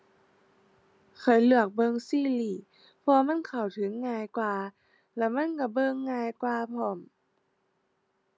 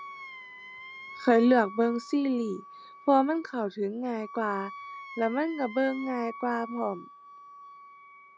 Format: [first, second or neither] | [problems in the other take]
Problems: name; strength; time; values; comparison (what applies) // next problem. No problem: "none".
first | background sound (Wind instrument, woodwind instrument); 16 dB below the speech